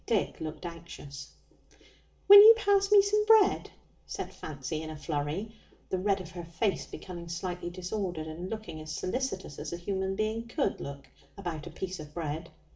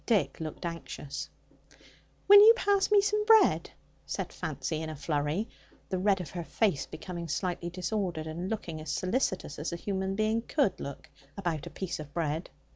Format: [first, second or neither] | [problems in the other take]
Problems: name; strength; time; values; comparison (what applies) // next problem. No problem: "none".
second | room echo; dies away in 0.4 s